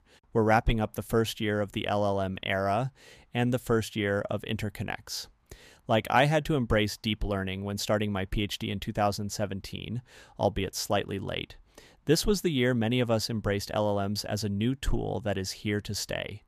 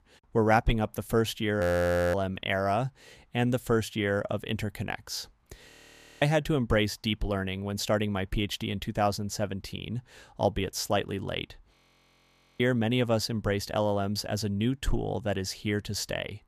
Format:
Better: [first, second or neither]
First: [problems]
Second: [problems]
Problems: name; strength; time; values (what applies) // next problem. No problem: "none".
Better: first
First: none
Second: audio freezing; at 1.5 s for 0.5 s, at 5.5 s for 0.5 s and at 12 s for 1 s